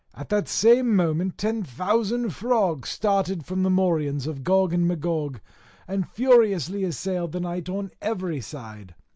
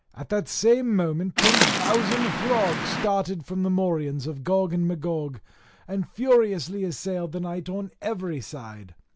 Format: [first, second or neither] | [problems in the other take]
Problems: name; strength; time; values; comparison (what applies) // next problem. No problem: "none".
first | background sound (Waves, surf); 1 dB below the speech